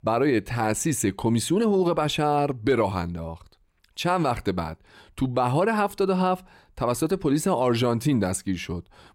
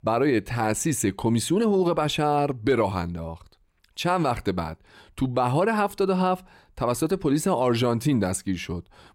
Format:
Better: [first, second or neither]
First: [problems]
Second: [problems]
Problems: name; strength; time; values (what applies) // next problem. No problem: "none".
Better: neither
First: none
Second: none